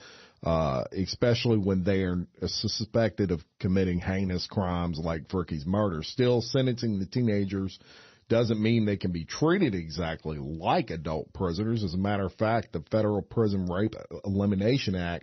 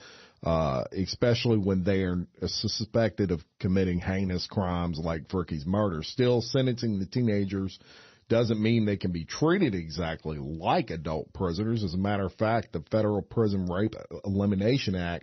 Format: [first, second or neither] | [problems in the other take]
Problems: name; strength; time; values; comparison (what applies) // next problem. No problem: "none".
neither | garbled, watery; slightly; nothing above 6 kHz; the same in both